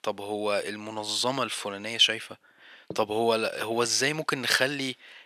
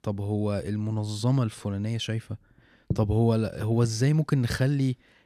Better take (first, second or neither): second